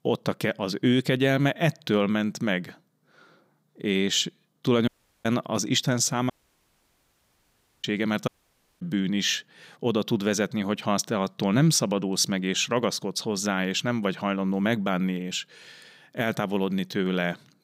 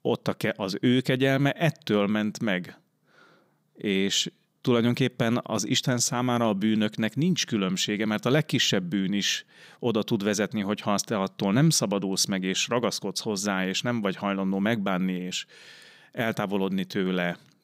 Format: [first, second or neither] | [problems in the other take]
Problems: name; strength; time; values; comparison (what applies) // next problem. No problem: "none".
second | audio cutting out; at 5 s, at 6.5 s for 1.5 s and at 8.5 s for 0.5 s